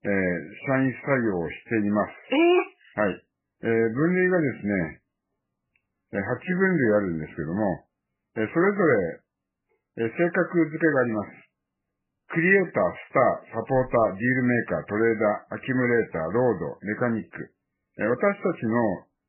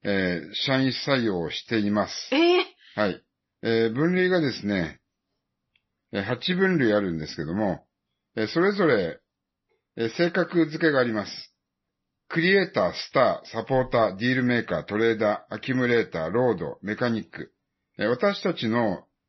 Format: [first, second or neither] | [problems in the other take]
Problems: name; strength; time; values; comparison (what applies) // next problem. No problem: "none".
second | garbled, watery; badly; nothing above 3 kHz; slightly in the second